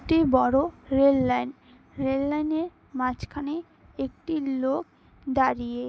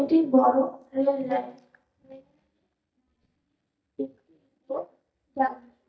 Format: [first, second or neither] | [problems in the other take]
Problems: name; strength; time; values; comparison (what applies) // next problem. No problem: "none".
first | noise reduction (neural mask model DeepFilterNet 3)